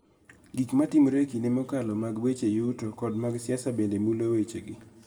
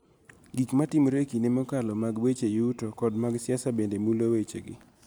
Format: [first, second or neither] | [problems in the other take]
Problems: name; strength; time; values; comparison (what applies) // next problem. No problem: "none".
second | room echo; dies away in 1.6 s